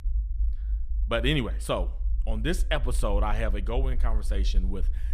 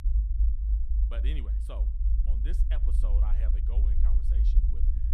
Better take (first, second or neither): first